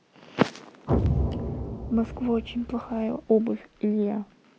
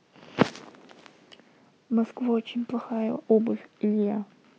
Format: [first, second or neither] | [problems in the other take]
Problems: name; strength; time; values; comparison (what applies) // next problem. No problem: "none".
second | background sound (Explosion); 3 dB below the speech